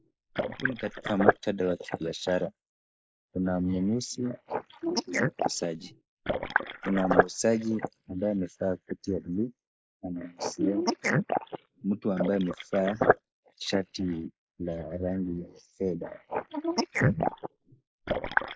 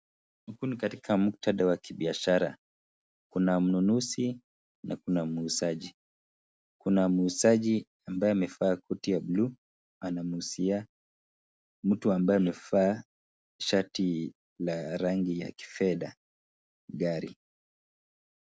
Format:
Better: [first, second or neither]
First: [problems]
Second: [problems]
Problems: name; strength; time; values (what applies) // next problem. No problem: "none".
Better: second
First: noise reduction (neural mask model Resemble Enhance denoiser)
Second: none